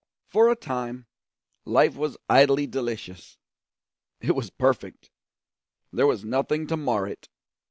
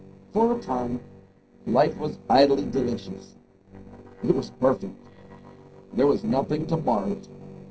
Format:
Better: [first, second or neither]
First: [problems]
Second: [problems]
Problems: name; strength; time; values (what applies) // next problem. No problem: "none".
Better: first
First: none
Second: noise reduction (neural separator model SepFormer DNS4)